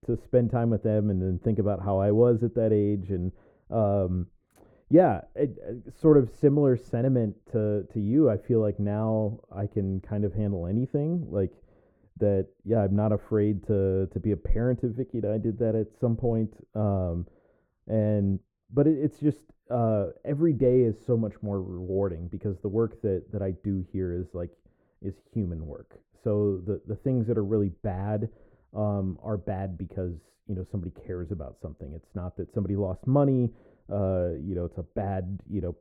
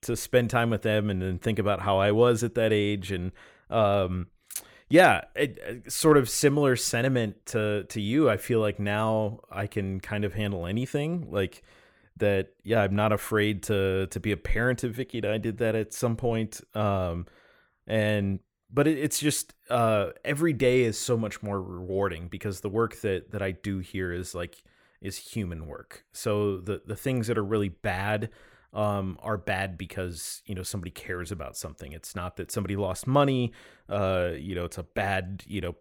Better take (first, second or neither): second